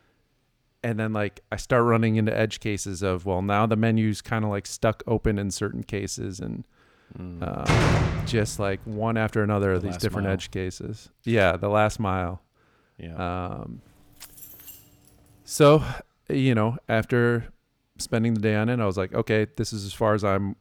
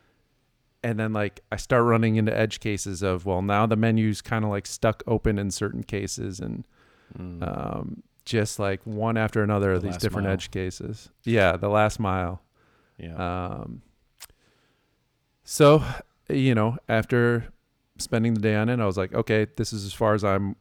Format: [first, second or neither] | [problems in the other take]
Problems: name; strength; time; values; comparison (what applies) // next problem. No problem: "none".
second | door banging; loud; at 7.5 s; peak 4 dB above the speech // jangling keys; faint; from 14 to 16 s; peak 15 dB below the speech